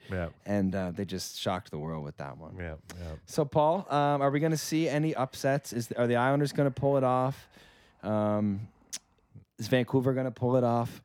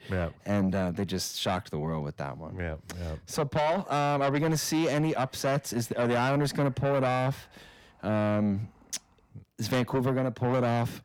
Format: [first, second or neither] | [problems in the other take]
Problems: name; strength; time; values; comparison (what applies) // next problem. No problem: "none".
first | distortion; heavy; 8 dB below the speech